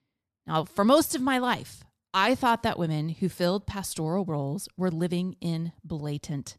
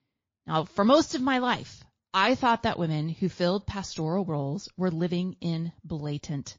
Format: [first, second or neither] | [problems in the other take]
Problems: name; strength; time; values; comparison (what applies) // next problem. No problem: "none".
first | garbled, watery; slightly